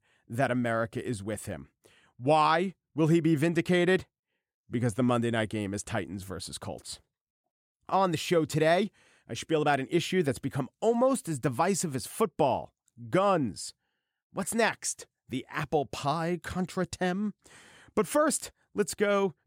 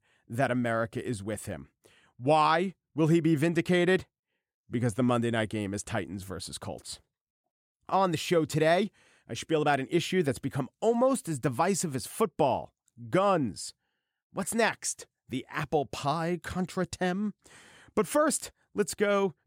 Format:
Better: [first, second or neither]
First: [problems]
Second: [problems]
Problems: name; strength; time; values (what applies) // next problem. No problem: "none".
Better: neither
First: none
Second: none